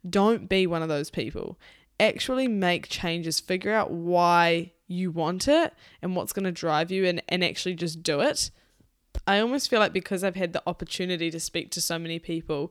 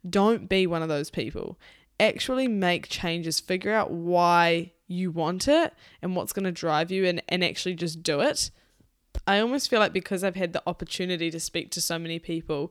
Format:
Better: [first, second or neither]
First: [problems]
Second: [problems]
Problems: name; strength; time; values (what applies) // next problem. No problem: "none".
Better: neither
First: none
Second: none